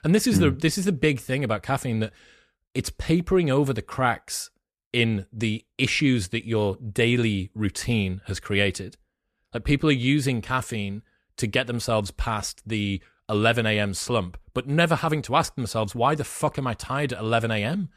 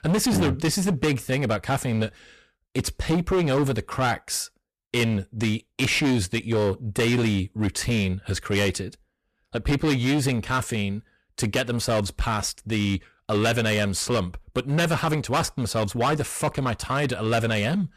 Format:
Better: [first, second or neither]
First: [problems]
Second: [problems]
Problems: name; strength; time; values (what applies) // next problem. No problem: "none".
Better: first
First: none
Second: distortion; heavy; 13% of the sound clipped